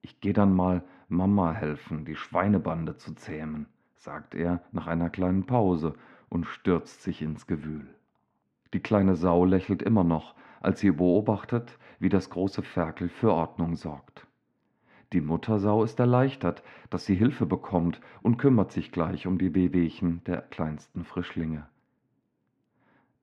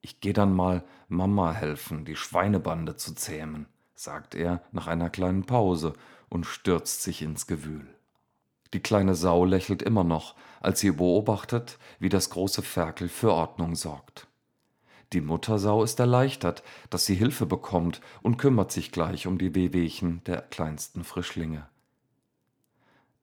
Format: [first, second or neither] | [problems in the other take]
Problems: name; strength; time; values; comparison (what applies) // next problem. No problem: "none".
second | muffled; very; fading above 2 kHz